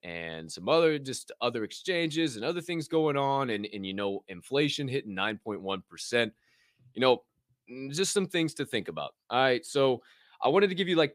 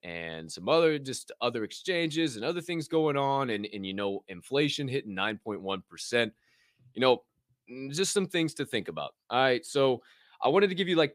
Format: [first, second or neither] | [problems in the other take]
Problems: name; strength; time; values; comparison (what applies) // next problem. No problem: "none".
neither | none